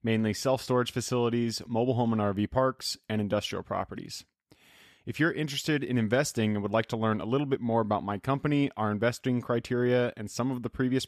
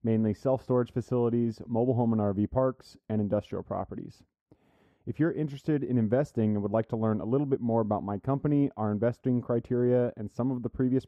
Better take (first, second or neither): first